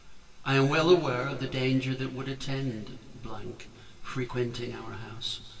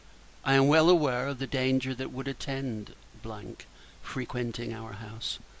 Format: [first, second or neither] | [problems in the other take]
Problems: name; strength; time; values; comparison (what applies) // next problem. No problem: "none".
second | room echo; dies away in 2.3 s